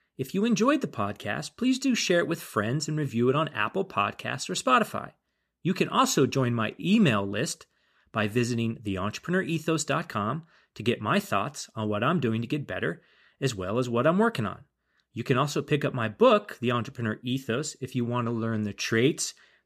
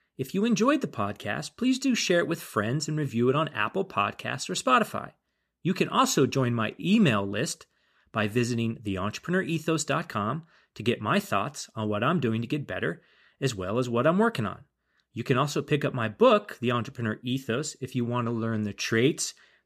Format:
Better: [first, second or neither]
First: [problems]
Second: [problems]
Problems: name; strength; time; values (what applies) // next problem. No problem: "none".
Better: neither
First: none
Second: none